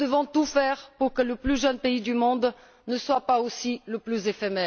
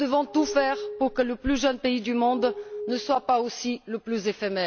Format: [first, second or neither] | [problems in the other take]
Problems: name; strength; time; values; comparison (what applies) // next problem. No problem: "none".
first | background sound (Glass); 13 dB below the speech